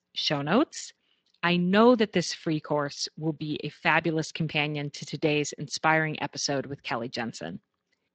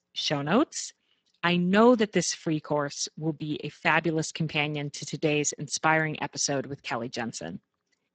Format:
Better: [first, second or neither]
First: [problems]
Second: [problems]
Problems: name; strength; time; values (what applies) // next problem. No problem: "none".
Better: first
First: garbled, watery; slightly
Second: garbled, watery; badly; nothing above 7.5 kHz